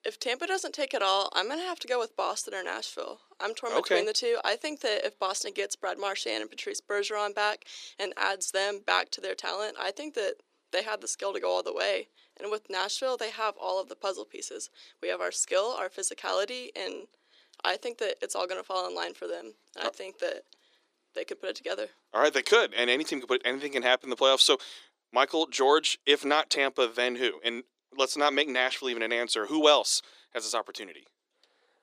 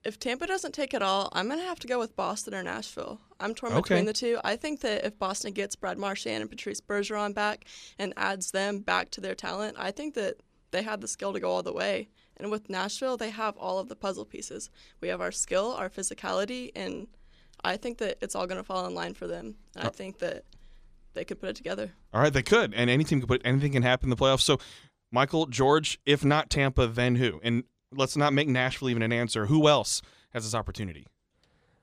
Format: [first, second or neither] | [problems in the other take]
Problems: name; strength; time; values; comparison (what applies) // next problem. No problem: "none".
second | thin; somewhat; fading below 350 Hz